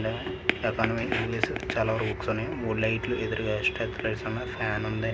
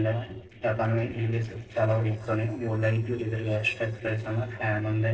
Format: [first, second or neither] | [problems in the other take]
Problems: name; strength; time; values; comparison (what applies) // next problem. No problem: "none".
first | noise reduction (neural separator model SepFormer DNS4)